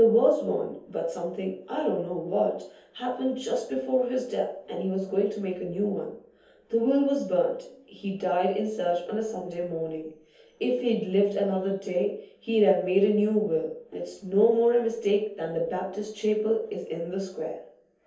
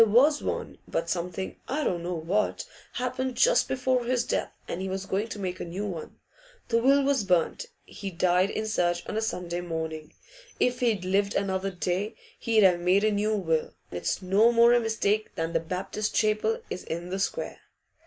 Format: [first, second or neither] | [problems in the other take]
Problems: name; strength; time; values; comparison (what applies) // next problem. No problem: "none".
second | room echo; dies away in 0.6 s